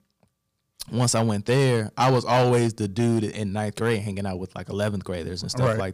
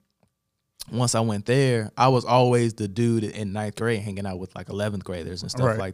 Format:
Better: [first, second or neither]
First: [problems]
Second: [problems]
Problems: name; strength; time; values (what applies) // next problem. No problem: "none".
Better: second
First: distortion; slight; 4% of the sound clipped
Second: none